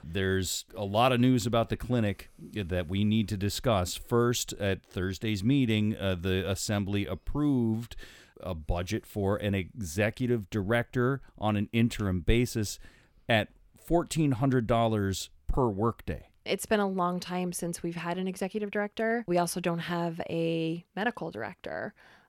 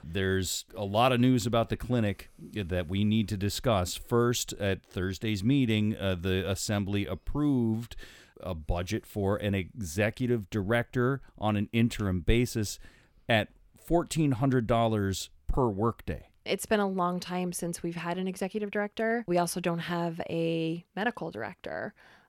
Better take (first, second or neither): neither